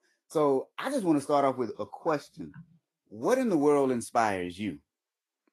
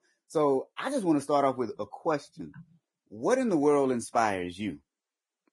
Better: first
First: garbled, watery; slightly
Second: garbled, watery; badly; nothing above 10.5 kHz

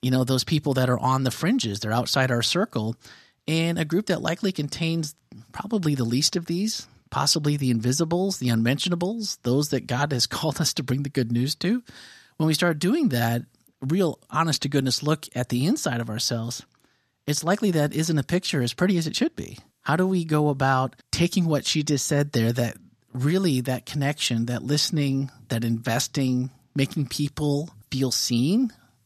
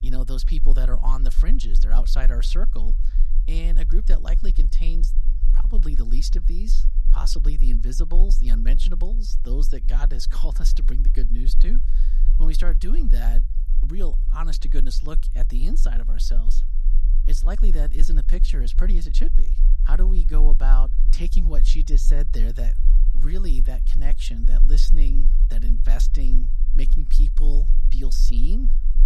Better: first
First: none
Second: low rumble; noticeable; throughout; 15 dB below the speech

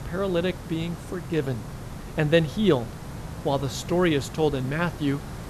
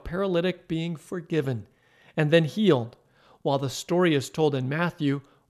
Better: second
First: hiss; noticeable; throughout; 10 dB below the speech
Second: none

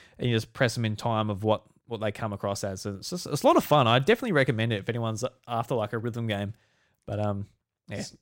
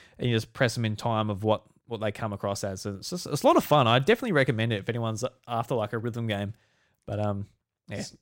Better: neither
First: none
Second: none

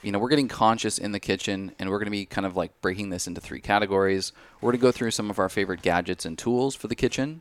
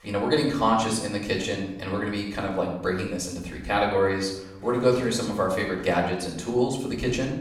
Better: first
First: none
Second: off-mic speech; far // room echo; noticeable; dies away in 0.8 s

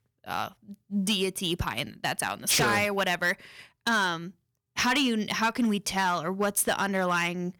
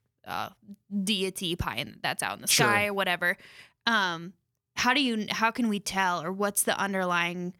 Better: second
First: distortion; slight; 5% of the sound clipped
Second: none

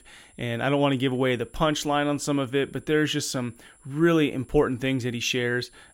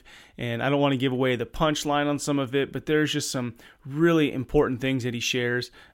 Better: second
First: high-pitched whine; faint; throughout; 10.5 kHz, 30 dB below the speech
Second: none

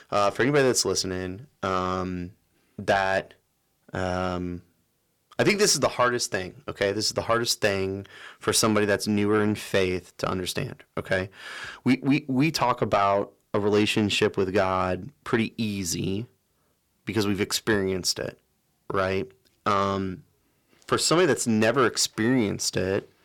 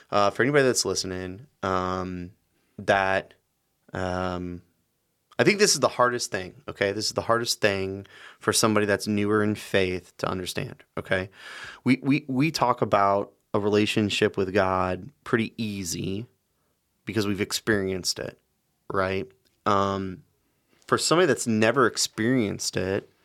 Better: second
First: distortion; slight; 10 dB below the speech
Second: none

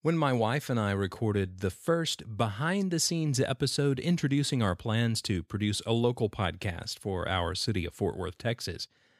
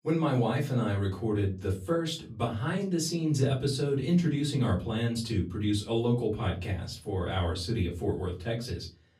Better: first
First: none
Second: room echo; very slight; dies away in 0.4 s // off-mic speech; far

